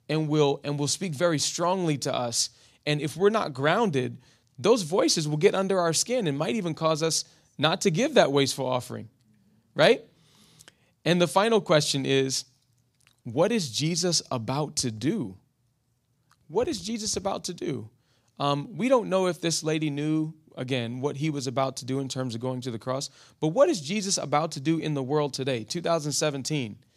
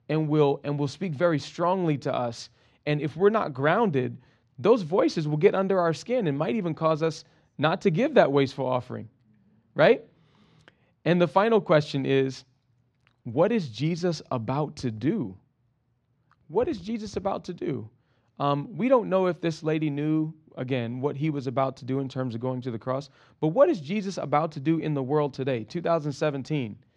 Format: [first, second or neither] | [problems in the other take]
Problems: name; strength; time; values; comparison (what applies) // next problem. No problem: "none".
first | muffled; very; fading above 2 kHz